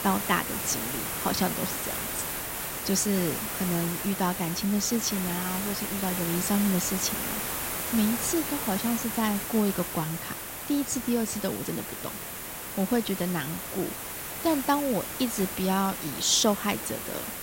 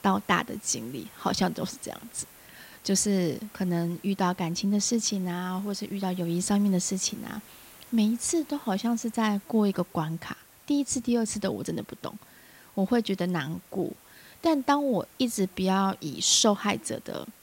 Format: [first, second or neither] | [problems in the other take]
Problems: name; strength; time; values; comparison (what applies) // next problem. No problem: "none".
second | hiss; loud; throughout; 3 dB below the speech; faint in the second